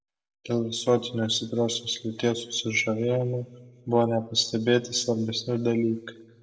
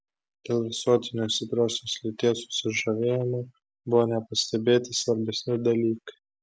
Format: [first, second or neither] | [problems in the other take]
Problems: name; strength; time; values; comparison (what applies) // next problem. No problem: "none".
second | room echo; dies away in 0.9 s